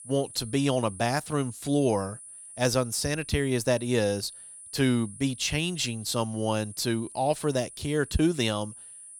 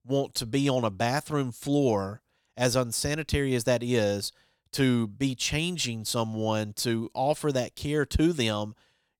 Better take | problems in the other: second | high-pitched whine; noticeable; throughout; 10 kHz, 15 dB below the speech

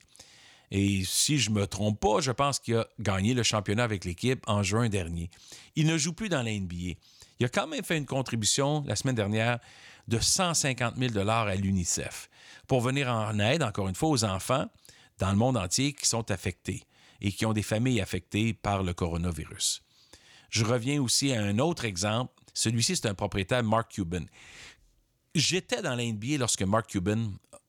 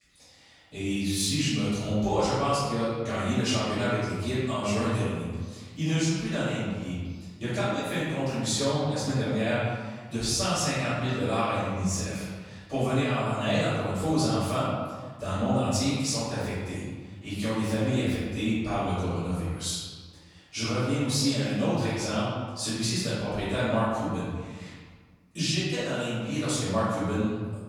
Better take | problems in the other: first | off-mic speech; far // room echo; strong; dies away in 1.4 s

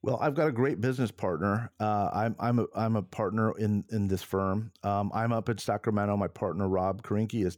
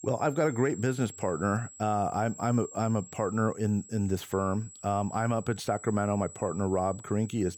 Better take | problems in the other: first | high-pitched whine; noticeable; throughout; 7.5 kHz, 15 dB below the speech

